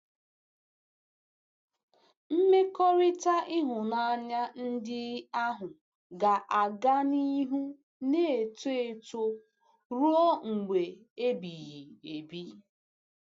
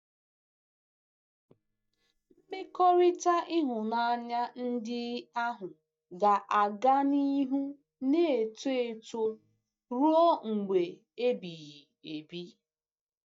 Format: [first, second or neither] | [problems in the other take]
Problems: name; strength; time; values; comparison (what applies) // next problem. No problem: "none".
first | noise reduction (neural mask model DeepFilterNet 3)